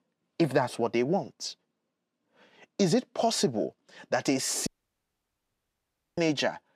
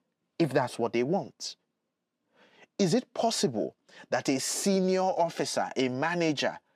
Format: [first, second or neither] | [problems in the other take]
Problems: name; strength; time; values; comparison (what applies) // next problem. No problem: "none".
second | audio cutting out; at 4.5 s for 1.5 s